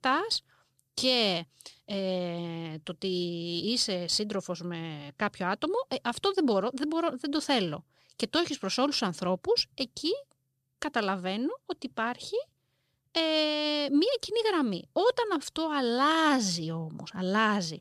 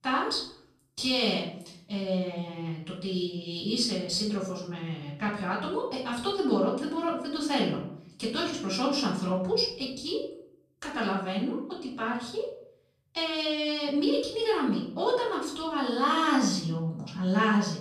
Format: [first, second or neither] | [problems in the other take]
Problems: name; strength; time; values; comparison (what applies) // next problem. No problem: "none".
first | off-mic speech; far // room echo; noticeable; dies away in 0.5 s